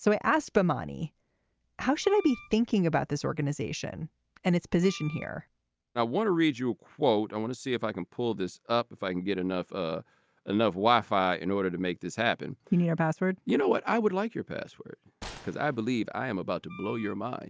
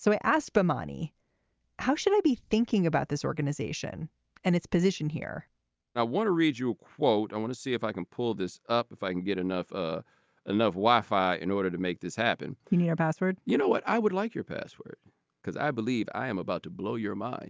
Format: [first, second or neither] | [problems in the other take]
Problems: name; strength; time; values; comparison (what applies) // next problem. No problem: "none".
second | background sound (Gunshot, gunfire + Wind instrument, woodwind instrument); 19 dB below the speech